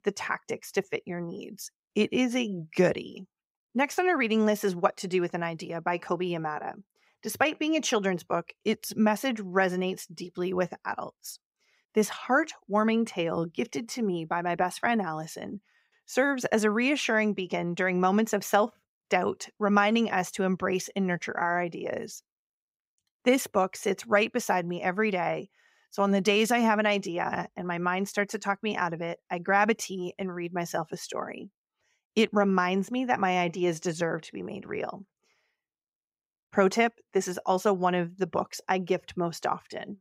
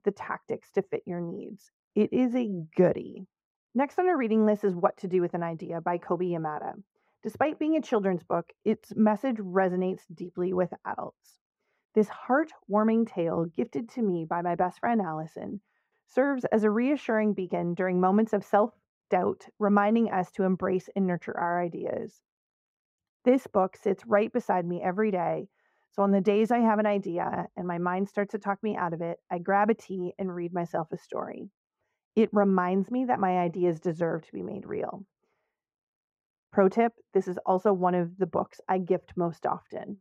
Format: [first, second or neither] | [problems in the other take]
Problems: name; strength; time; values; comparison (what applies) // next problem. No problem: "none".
first | muffled; very; fading above 2 kHz